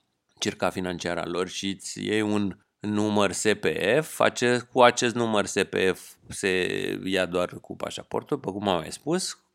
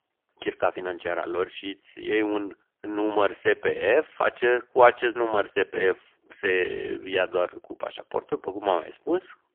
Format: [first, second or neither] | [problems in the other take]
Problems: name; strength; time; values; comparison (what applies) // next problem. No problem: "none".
first | phone-call audio; poor line; nothing above 3.5 kHz